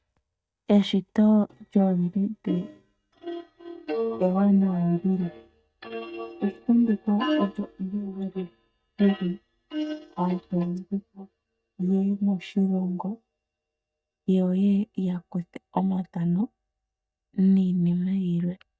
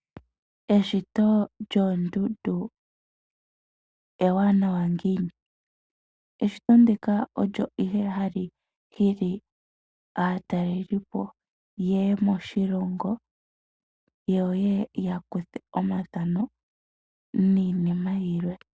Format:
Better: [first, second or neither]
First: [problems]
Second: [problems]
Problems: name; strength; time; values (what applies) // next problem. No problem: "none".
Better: second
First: noise reduction (neural mask model DeepFilterNet 3)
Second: none